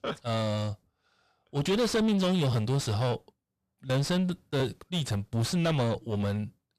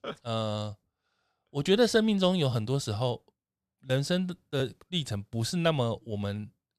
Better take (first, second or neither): second